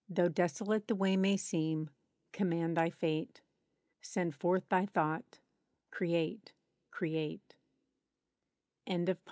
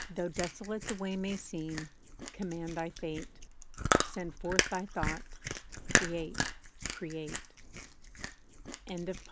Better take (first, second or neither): first